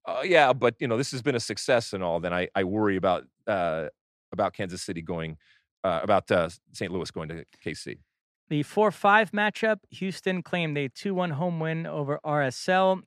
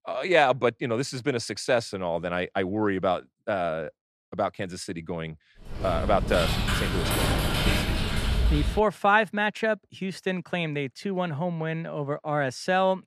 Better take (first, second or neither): first